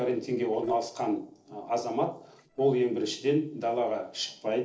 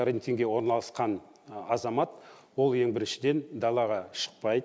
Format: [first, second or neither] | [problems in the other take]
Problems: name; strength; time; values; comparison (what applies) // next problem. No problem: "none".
second | noise reduction (neural separator model SepFormer DNS4)